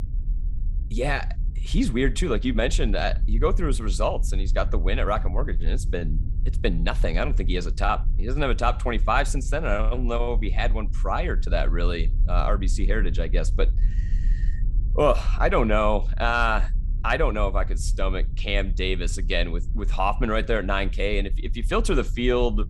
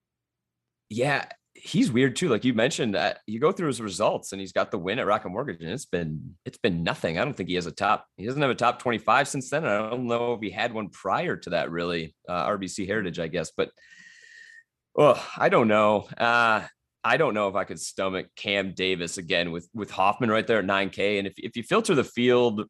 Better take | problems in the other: second | low rumble; faint; throughout; 20 dB below the speech

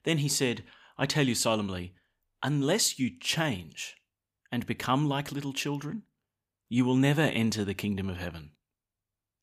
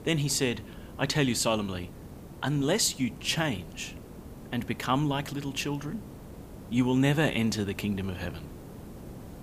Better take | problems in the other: first | hiss; noticeable; throughout; 15 dB below the speech

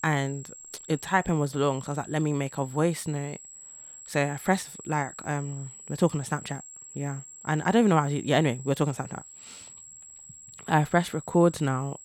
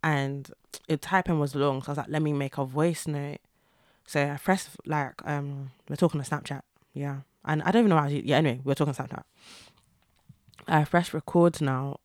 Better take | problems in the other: second | high-pitched whine; noticeable; throughout; 7.5 kHz, 15 dB below the speech

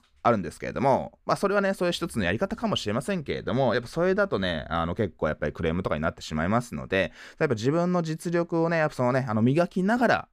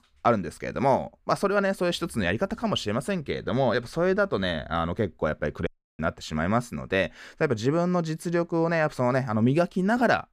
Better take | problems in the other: first | audio cutting out; at 5.5 s

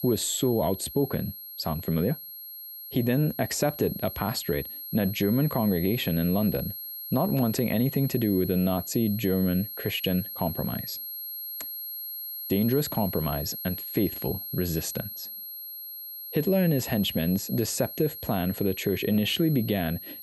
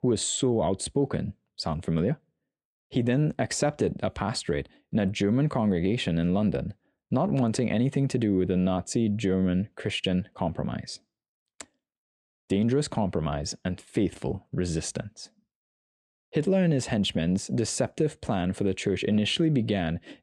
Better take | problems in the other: second | high-pitched whine; loud; throughout; 11.5 kHz, 8 dB below the speech

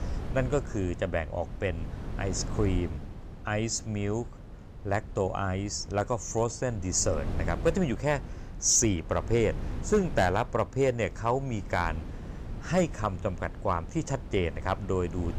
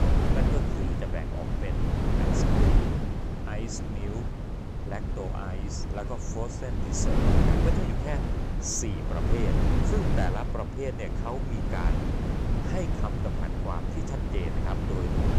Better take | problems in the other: first | wind noise on the microphone; heavy; 2 dB above the speech; occasional gusts in the first

